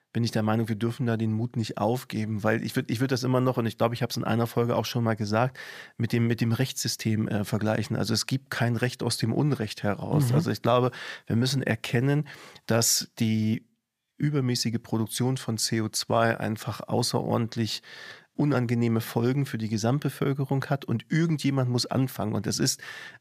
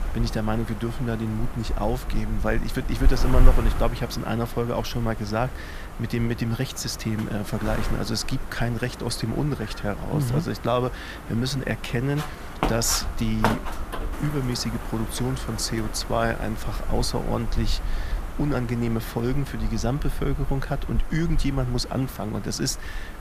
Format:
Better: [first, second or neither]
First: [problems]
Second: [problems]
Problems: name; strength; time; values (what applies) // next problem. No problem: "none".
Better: first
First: none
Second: wind noise on the microphone; heavy; 7 dB below the speech